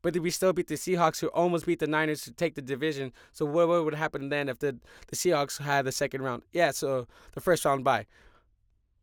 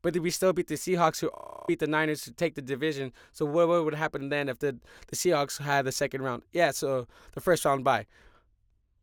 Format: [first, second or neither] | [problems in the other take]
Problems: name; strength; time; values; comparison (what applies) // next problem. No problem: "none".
first | audio freezing; at 1.5 s